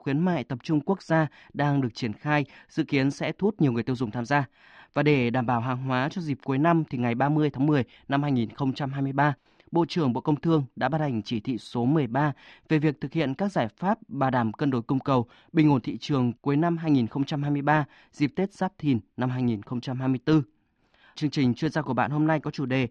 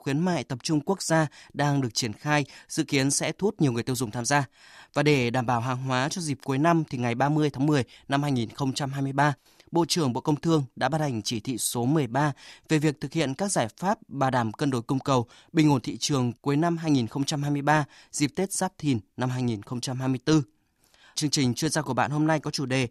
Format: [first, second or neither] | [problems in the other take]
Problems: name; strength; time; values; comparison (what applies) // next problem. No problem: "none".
second | muffled; slightly; fading above 3 kHz